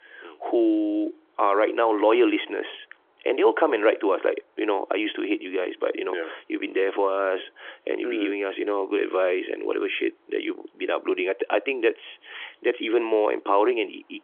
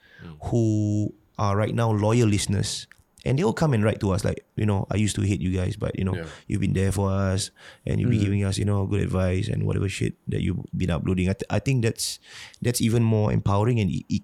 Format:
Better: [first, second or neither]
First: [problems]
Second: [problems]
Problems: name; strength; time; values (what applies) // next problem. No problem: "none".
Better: second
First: phone-call audio; nothing above 3.5 kHz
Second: none